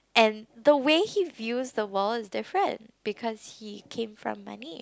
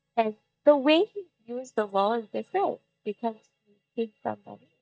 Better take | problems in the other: first | noise reduction (neural mask model DeepFilterNet 3)

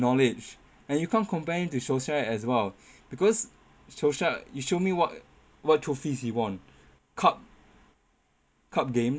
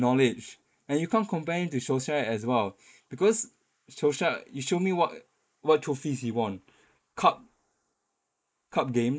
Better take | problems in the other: first | noise reduction (neural mask model Resemble Enhance denoiser)

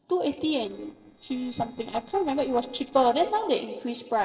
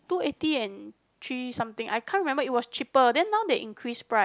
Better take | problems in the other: second | noise reduction (neural separator model SepFormer DNS4)

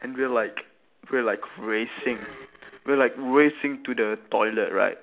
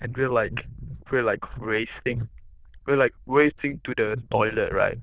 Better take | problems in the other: first | noise reduction (neural diffusion model UNIVERSE++)

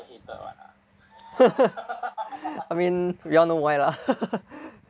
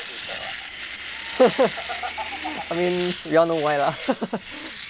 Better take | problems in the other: first | background sound (Domestic sounds, home sounds); 10 dB below the speech

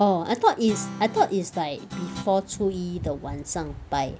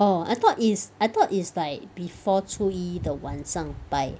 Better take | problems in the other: second | background sound (Guitar); 13 dB below the speech

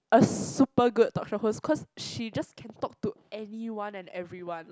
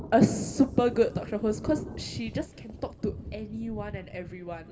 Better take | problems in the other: first | background sound (Thunder); 13 dB below the speech // room echo; dies away in 1.3 s

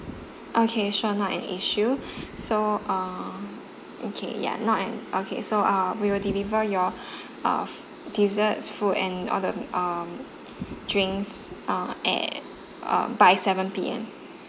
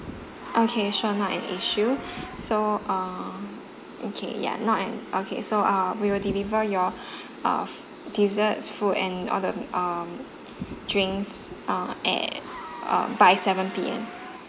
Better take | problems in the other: first | background sound (Engine / Car); 18 dB below the speech

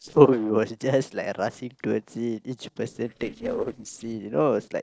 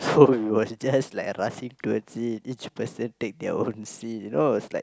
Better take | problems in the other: second | noise reduction (neural separator model SepFormer DNS4)

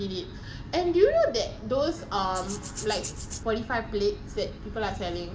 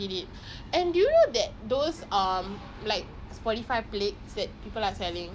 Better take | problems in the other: second | background sound (Rattle (instrument)); 12 dB below the speech // room echo; dies away in 1.2 s

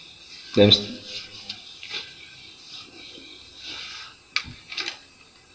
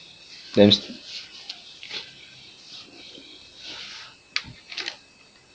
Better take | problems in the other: second | room echo; dies away in 0.8 s

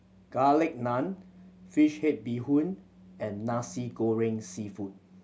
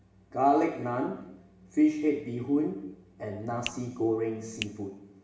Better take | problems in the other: first | background sound (Finger snapping); 14 dB below the speech // room echo; dies away in 0.9 s

